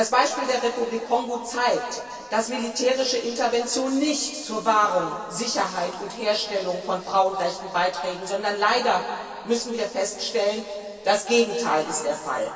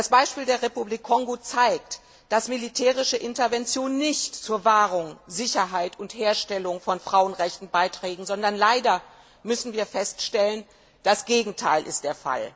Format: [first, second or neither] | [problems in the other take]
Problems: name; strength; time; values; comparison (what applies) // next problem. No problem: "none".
second | room echo; dies away in 2.6 s